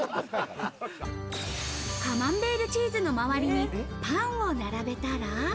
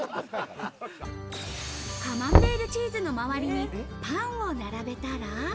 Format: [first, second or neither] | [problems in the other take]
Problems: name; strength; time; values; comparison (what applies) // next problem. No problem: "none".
first | background sound (Knock); 4 dB above the speech